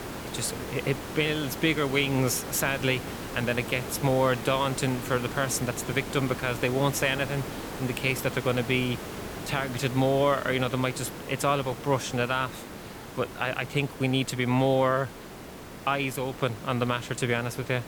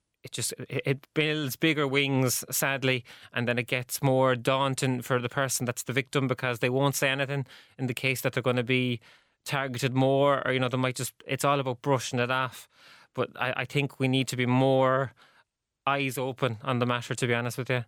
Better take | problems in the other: second | hiss; noticeable; throughout; 10 dB below the speech

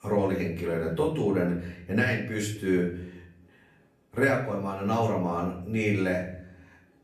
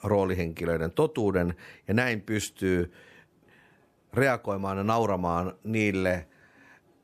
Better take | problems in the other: second | off-mic speech; far // room echo; slight; dies away in 0.5 s

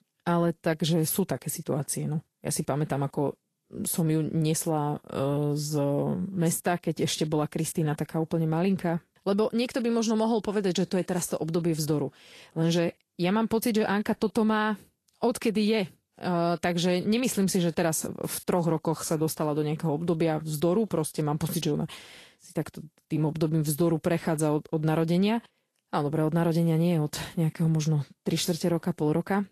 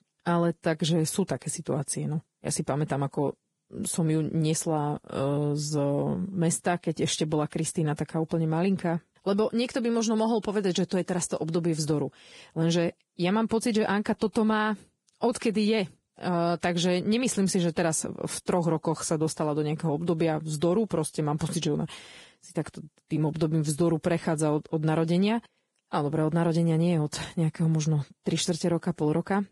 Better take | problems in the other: first | garbled, watery; badly; nothing above 11 kHz; slightly in the first

